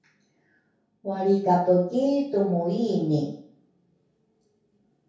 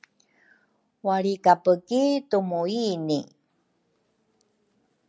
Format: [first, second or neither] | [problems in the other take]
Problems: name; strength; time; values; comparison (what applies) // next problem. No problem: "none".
second | room echo; dies away in 0.6 s